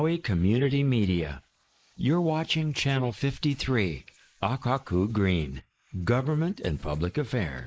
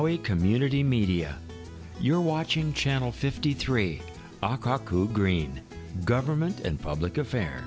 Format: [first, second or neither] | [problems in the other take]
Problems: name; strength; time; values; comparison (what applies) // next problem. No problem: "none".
second | noise reduction (neural mask model Resemble Enhance denoiser)